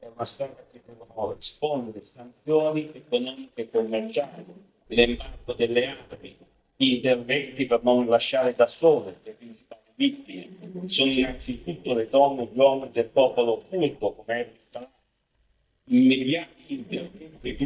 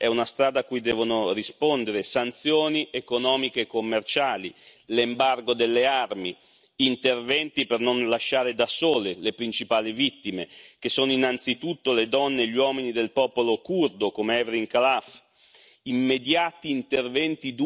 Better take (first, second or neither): second